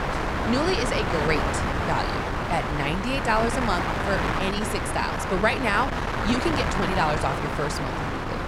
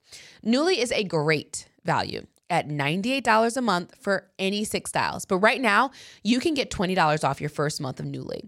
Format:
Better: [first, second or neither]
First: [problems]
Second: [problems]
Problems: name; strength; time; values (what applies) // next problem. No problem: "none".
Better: second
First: wind noise on the microphone; heavy; as loud as the speech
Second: none